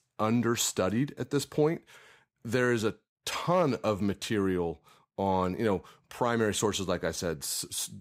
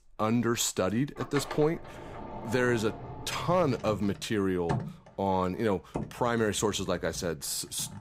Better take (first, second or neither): first